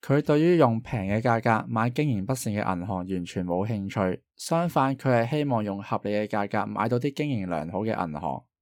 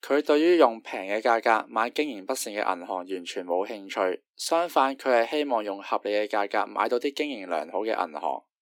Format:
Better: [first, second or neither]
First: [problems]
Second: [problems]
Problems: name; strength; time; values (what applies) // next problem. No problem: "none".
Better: first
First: none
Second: thin; somewhat; fading below 300 Hz